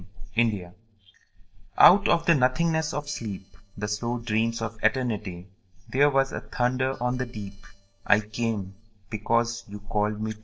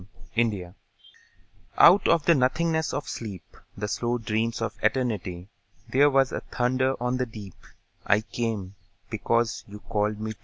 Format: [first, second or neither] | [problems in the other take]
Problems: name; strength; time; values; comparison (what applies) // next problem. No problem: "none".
second | noise reduction (neural separator model SepFormer DNS4)